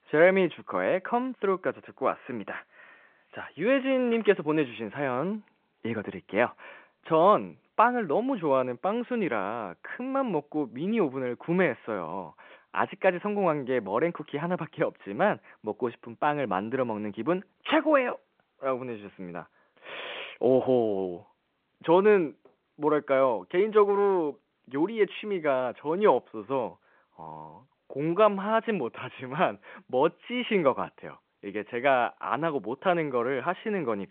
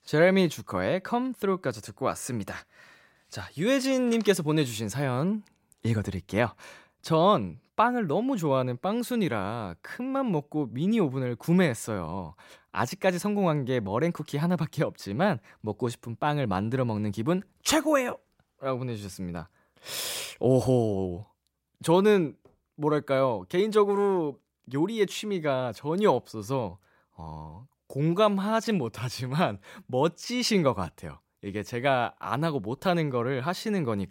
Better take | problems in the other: second | phone-call audio

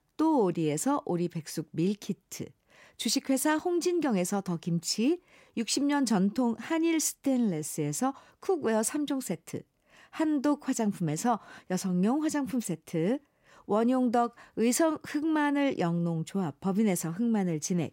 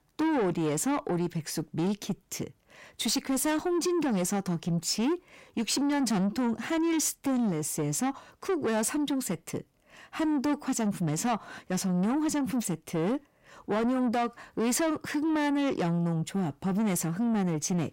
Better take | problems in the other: first | distortion; slight; 10 dB below the speech

